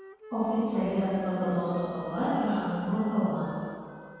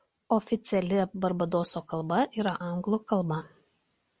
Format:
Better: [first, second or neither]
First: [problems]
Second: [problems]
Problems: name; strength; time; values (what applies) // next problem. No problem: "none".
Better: second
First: background sound (Wind instrument, woodwind instrument); 16 dB below the speech // room echo; dies away in 2.1 s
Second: none